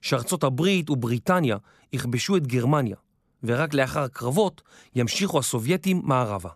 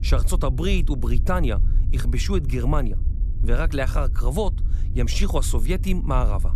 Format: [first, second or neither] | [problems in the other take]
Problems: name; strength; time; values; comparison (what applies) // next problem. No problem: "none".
first | low rumble; noticeable; throughout; 15 dB below the speech